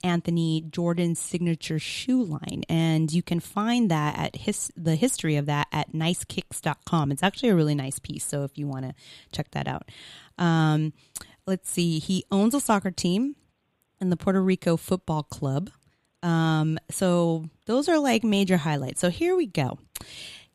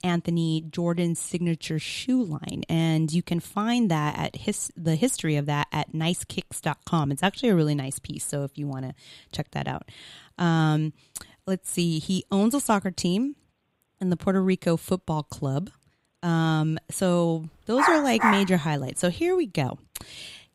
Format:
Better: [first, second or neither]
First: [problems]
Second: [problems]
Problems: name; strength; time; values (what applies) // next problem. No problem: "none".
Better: first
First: none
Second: dog barking; loud; at 18 s; peak 3 dB above the speech